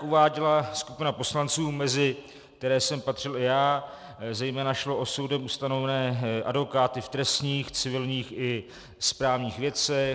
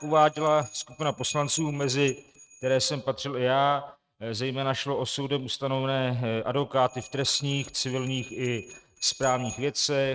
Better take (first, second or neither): first